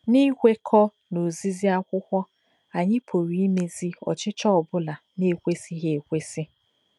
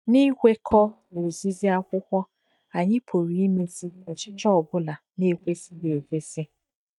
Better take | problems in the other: first | noise reduction (neural mask model DeepFilterNet 3)

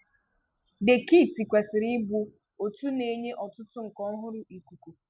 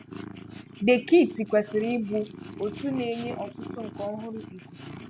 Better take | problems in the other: first | background sound (Purr); 14 dB below the speech

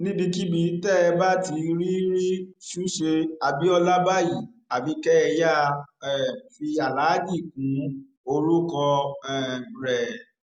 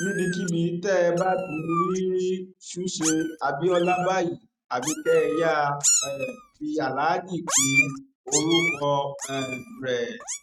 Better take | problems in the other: first | noise reduction (neural mask model RNNoise)

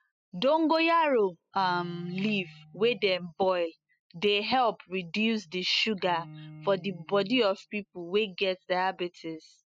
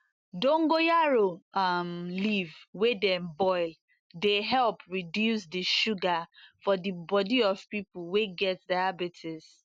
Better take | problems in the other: second | noise reduction (classical method spectral subtraction)

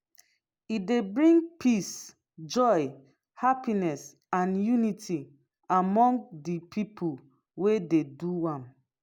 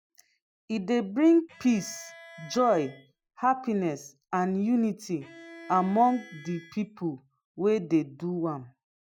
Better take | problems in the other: first | noise reduction (classical method Wiener filter)

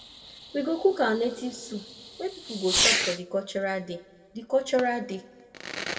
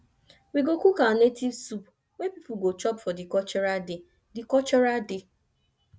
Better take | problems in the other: second | background sound (Fireworks); 3 dB below the speech // room echo; dies away in 1.1 s

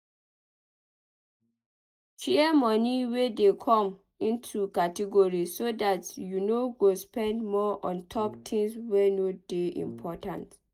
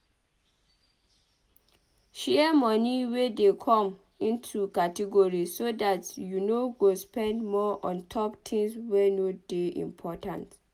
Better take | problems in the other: second | noise reduction (neural mask model DeepFilterNet 3)

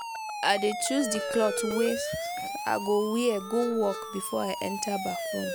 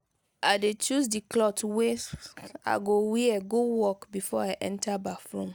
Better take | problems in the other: second | background sound (Siren); 5 dB below the speech

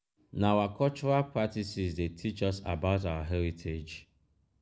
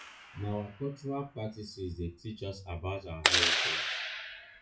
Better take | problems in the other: first | noise reduction (classical method WPE with log-MMSE)

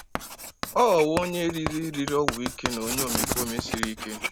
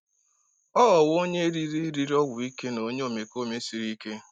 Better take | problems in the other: second | background sound (Writing); 4 dB below the speech

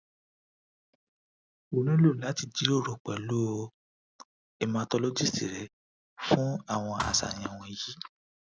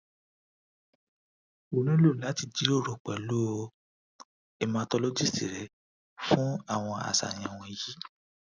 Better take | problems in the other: second | background sound (Thump, thud); 9 dB below the speech

